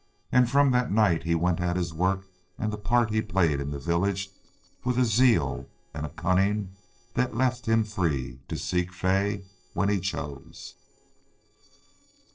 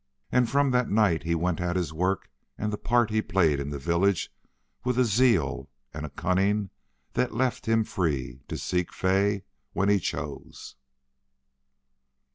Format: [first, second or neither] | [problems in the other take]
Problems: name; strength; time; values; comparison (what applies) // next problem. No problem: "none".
second | noise reduction (neural separator model SepFormer DNS4)